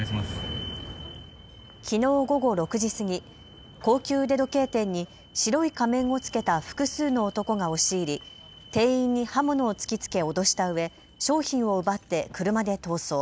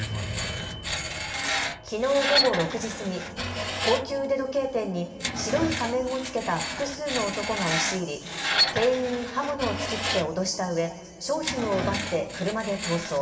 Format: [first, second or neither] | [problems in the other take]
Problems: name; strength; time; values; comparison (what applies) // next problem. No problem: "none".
first | background sound (Screech); 3 dB below the speech // room echo; dies away in 2.7 s